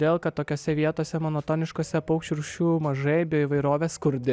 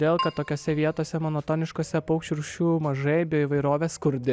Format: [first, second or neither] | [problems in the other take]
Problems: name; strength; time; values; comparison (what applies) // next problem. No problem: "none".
first | background sound (Keyboard (musical)); 10 dB below the speech